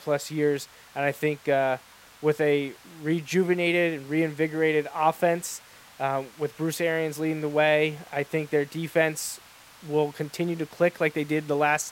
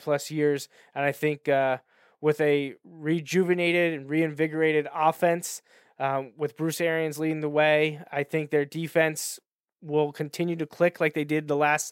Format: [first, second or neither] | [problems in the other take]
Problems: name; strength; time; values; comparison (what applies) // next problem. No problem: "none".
second | hiss; faint; throughout; 25 dB below the speech